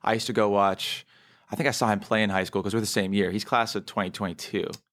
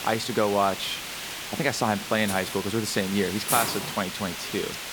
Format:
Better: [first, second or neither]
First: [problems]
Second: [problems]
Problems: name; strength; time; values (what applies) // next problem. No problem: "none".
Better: first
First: none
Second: hiss; loud; throughout; 5 dB below the speech